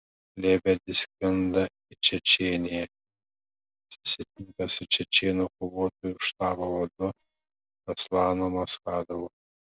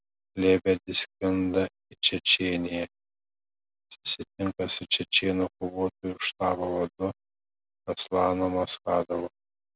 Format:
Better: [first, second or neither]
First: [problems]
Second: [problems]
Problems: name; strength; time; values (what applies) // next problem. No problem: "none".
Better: second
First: noise reduction (neural mask model DeepFilterNet 3)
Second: none